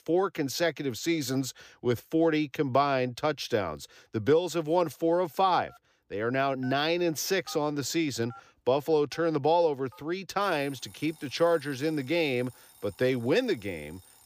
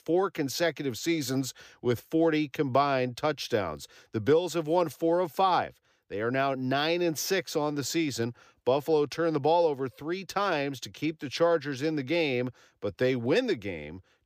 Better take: second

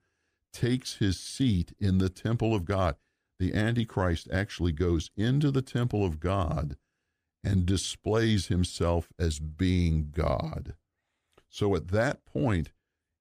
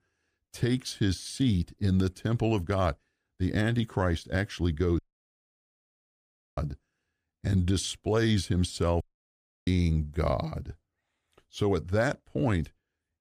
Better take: first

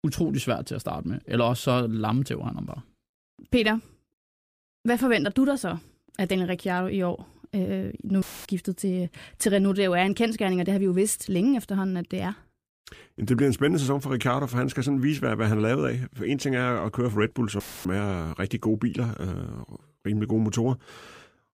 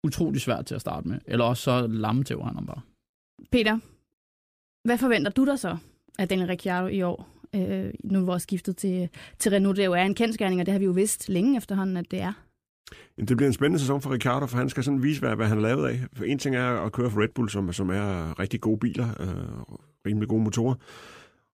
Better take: second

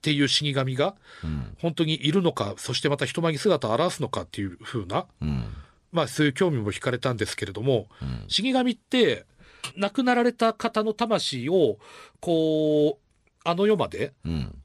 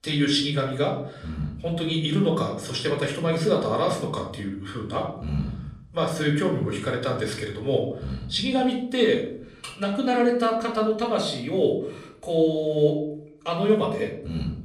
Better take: first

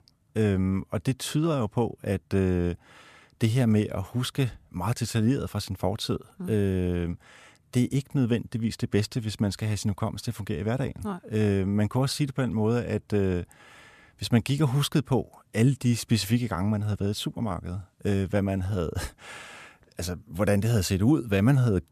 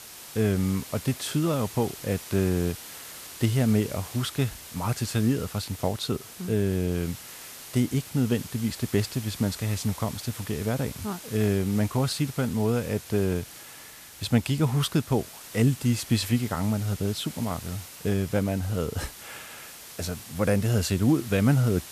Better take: first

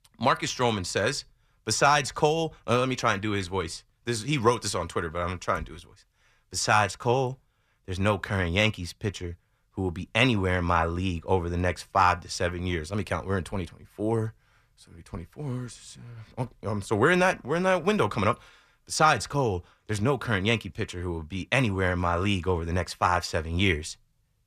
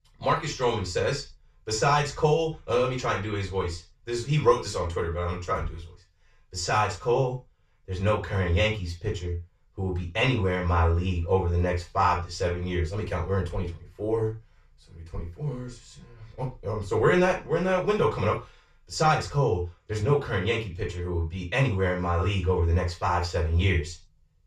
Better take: first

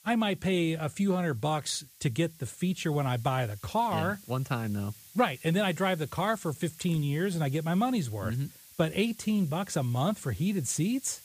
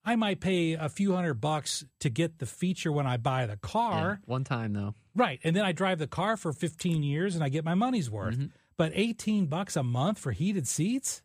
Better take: second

